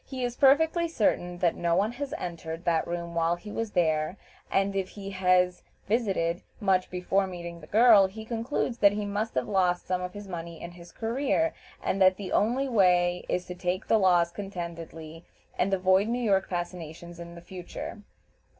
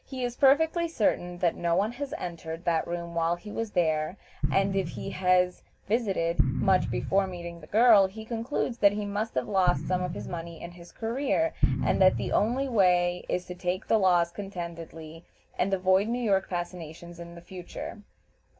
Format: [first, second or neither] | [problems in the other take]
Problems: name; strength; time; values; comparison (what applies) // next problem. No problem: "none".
first | background sound (Explosion); 4 dB below the speech